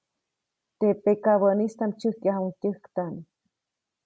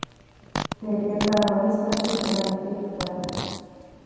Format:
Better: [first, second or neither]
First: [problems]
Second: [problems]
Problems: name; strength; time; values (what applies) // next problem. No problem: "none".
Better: first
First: none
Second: background sound (Fart); 6 dB below the speech // room echo; dies away in 2.1 s